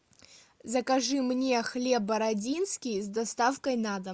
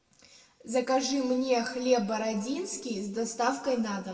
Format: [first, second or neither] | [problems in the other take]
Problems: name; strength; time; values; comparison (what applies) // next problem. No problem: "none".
first | room echo; dies away in 1.3 s